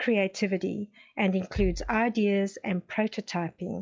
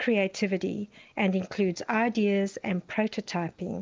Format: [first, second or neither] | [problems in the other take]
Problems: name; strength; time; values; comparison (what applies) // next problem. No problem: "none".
second | noise reduction (classical method log-MMSE)